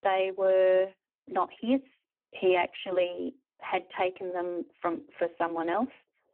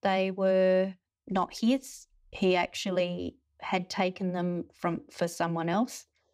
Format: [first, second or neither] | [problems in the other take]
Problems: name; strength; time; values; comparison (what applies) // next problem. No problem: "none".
second | phone-call audio; poor line